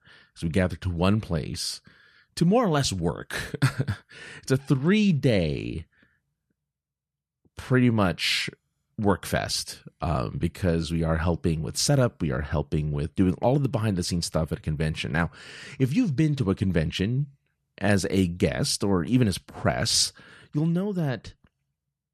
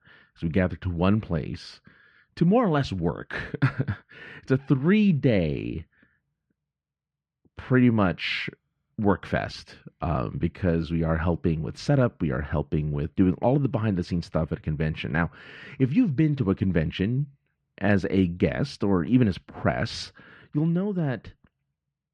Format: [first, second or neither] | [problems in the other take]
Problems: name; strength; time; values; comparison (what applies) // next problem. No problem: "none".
first | muffled; slightly; fading above 2.5 kHz